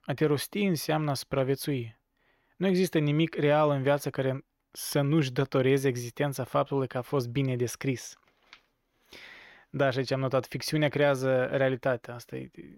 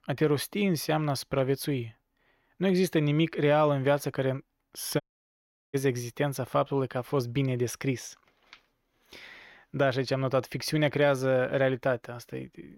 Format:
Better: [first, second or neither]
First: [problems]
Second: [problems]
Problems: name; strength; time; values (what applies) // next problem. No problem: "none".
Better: first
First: none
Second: audio cutting out; at 5 s for 0.5 s